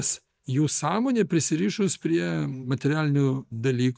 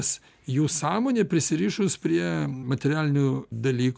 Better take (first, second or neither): second